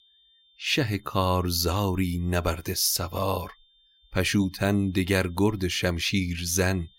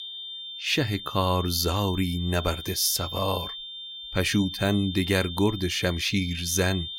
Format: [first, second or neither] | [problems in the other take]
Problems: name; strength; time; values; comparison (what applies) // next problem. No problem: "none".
first | high-pitched whine; loud; throughout; 3.5 kHz, 9 dB below the speech; faint in the first